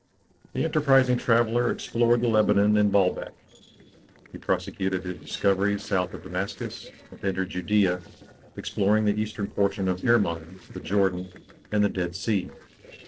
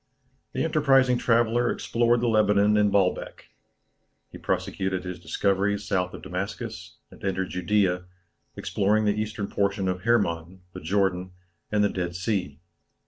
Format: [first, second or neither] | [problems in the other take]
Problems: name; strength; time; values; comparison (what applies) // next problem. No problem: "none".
second | noise reduction (neural separator model SepFormer DNS4)